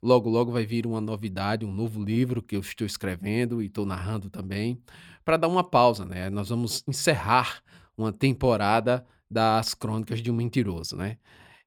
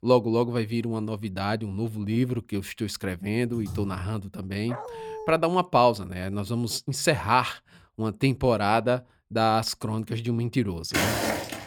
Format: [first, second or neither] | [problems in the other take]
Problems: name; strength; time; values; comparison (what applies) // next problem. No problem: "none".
first | keyboard typing; noticeable; at 3.5 s; peak 10 dB below the speech // dog barking; faint; at 4.5 s; peak 10 dB below the speech // footsteps; loud; at 11 s; peak 2 dB above the speech